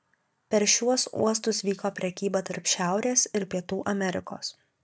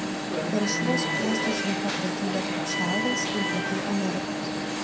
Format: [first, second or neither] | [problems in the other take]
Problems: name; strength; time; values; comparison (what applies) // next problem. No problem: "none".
first | background sound (Alarm); 3 dB above the speech // room echo; dies away in 0.2 s